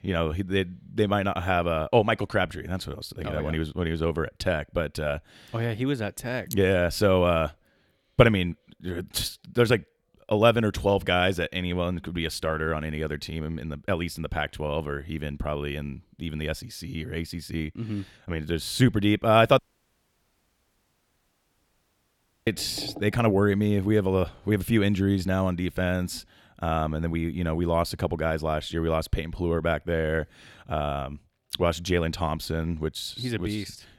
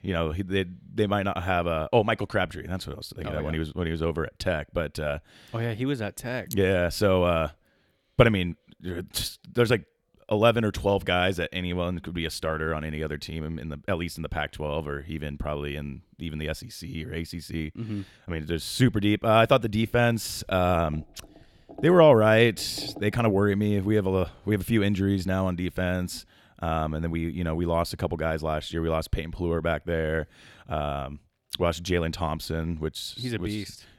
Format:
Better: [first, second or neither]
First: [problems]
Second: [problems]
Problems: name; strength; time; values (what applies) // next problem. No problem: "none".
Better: second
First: audio cutting out; at 20 s for 3 s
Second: none